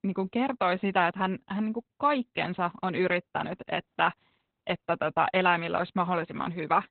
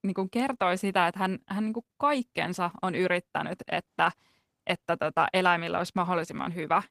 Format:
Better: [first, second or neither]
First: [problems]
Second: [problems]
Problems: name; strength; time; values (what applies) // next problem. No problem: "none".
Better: second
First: garbled, watery; badly; nothing above 4 kHz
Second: garbled, watery; slightly